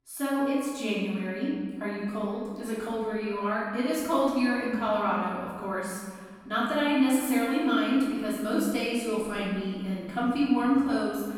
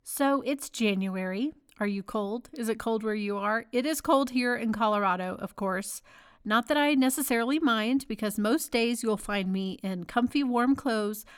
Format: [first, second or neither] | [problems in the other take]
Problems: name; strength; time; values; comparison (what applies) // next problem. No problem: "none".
second | off-mic speech; far // room echo; strong; dies away in 1.6 s